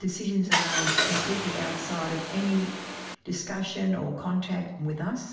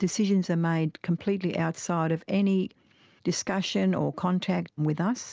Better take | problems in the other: second | background sound (Car); 1 dB above the speech // room echo; dies away in 0.7 s

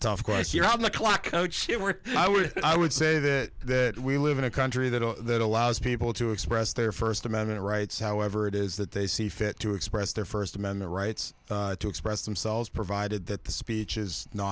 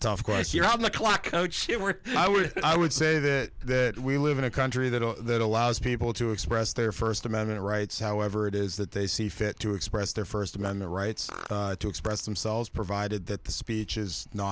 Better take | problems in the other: first | background sound (Fart); 17 dB below the speech

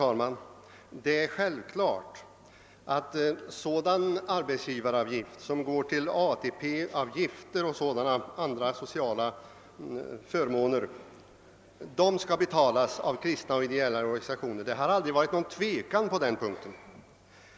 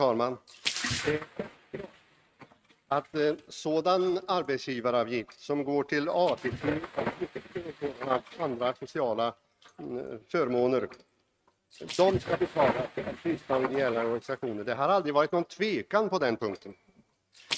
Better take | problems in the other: first | noise reduction (neural mask model RNNoise)

